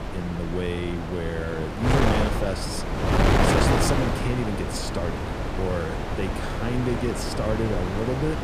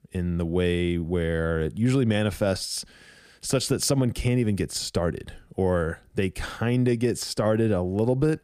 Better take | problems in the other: second | wind noise on the microphone; heavy; 4 dB above the speech

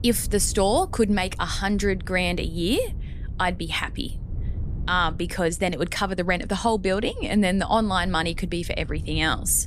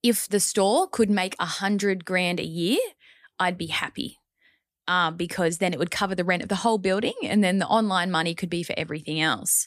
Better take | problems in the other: second | wind noise on the microphone; occasional gusts; 25 dB below the speech

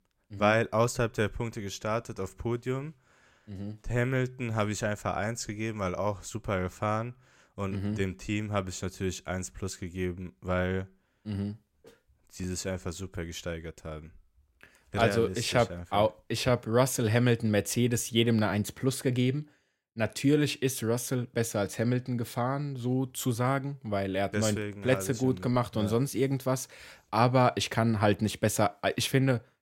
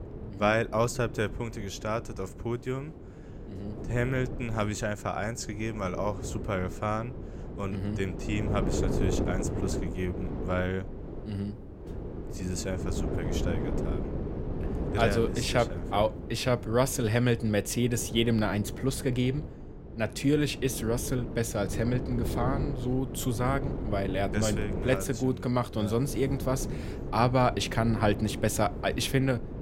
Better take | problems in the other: first | wind noise on the microphone; occasional gusts; 10 dB below the speech

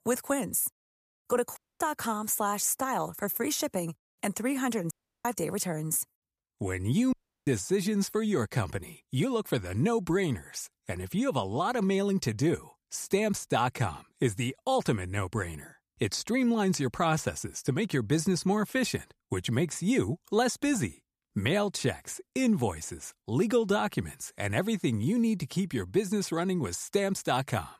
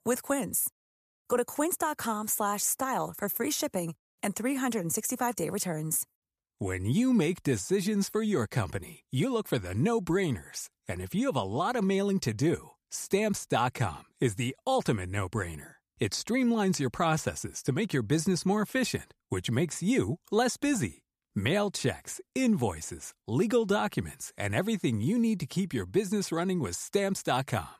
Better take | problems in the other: second | audio cutting out; at 1.5 s, at 5 s and at 7 s

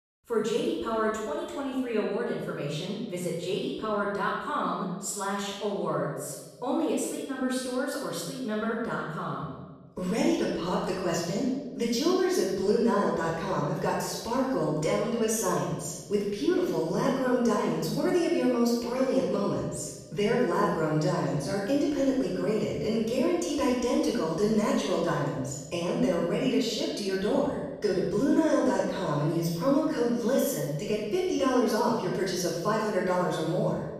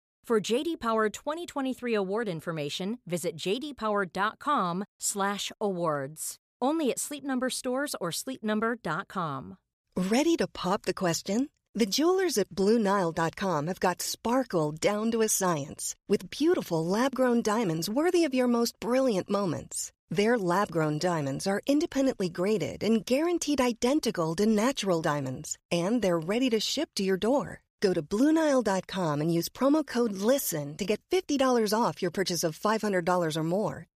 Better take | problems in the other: second | off-mic speech; far // room echo; strong; dies away in 1.1 s

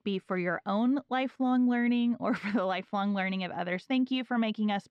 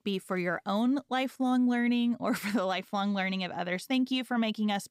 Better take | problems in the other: second | muffled; slightly; fading above 3 kHz

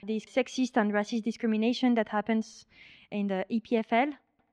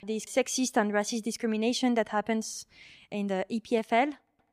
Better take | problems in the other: second | muffled; slightly; fading above 3 kHz

